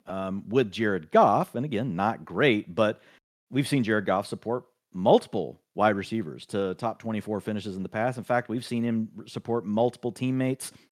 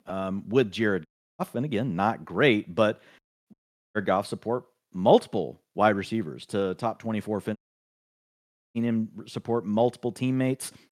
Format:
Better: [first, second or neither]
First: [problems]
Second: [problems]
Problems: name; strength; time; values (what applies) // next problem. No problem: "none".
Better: first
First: none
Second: audio cutting out; at 1 s, at 3.5 s and at 7.5 s for 1 s